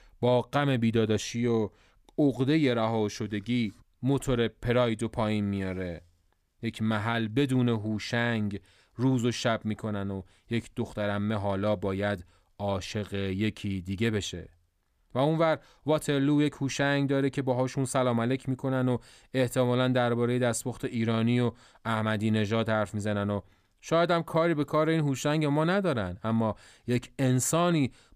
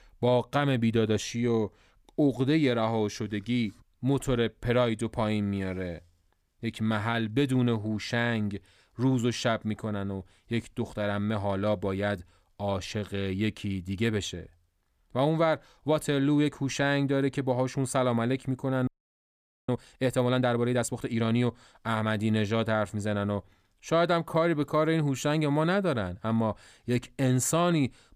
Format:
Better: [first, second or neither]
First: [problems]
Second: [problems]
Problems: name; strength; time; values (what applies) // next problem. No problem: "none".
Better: first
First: none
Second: audio freezing; at 19 s for 1 s